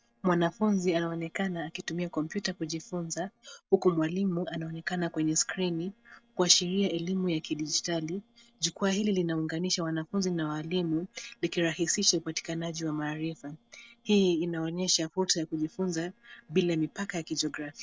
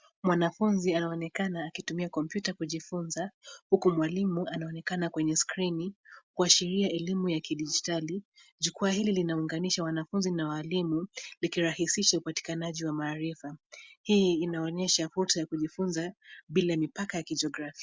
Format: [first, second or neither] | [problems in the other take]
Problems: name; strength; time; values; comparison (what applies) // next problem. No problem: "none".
second | noise reduction (neural separator model SepFormer DNS4)